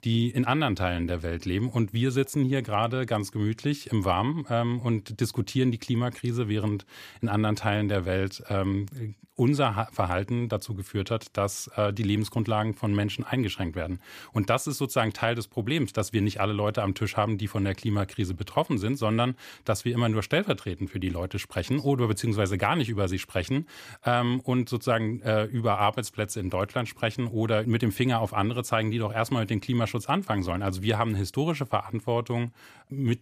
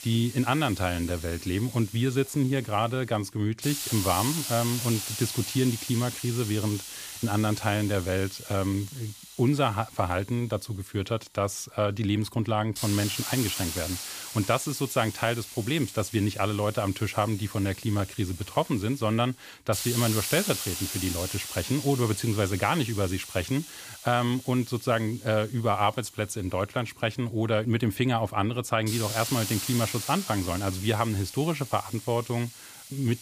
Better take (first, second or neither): first